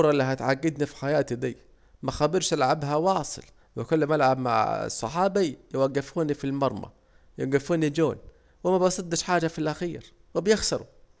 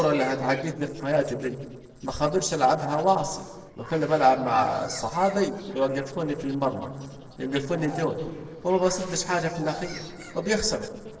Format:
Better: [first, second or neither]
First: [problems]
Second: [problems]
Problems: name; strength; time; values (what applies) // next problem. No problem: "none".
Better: first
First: none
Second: noise reduction (neural separator model SepFormer DNS4)